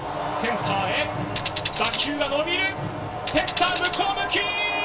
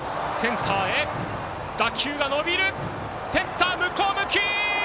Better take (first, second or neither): second